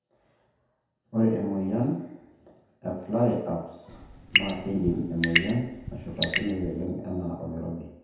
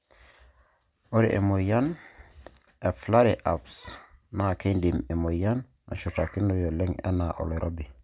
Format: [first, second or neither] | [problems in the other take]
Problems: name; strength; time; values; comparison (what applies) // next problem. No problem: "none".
second | background sound (Drip / Sink (filling or washing) / Water tap, faucet / Water); 1 dB below the speech // room echo; dies away in 1 s